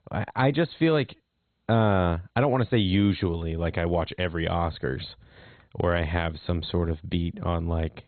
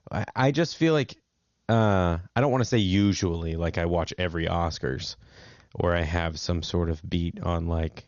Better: second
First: garbled, watery; badly; nothing above 4 kHz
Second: garbled, watery; slightly; nothing above 6.5 kHz

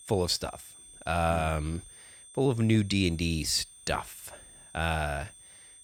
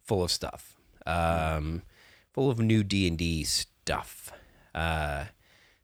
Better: second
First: high-pitched whine; noticeable; throughout; 8.5 kHz, 20 dB below the speech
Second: none

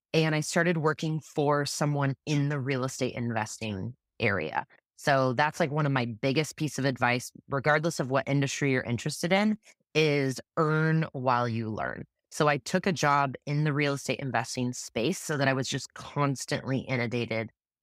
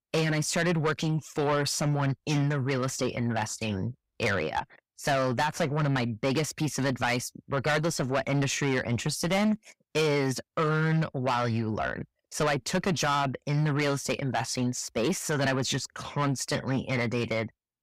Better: first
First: none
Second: distortion; heavy; 7 dB below the speech

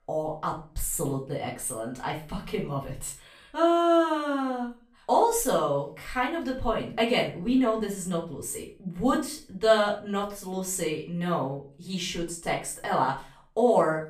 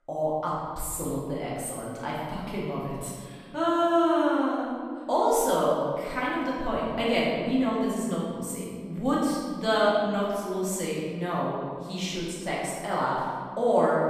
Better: first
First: room echo; slight; dies away in 0.3 s // off-mic speech; far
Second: room echo; strong; dies away in 1.8 s // off-mic speech; far

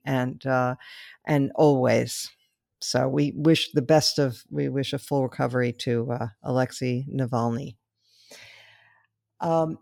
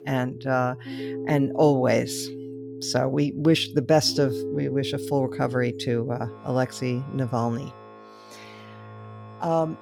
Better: first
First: none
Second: background music; noticeable; throughout; 10 dB below the speech

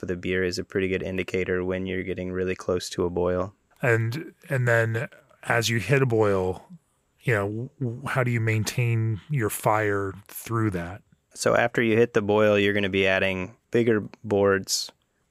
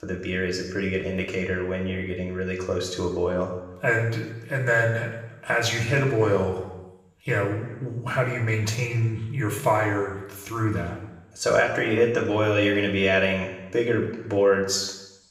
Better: first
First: none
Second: room echo; noticeable; dies away in 0.9 s // off-mic speech; far

